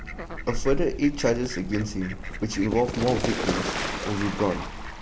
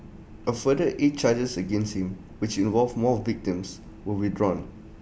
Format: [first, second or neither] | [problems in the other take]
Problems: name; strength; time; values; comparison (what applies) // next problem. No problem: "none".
second | background sound (Fowl); 4 dB below the speech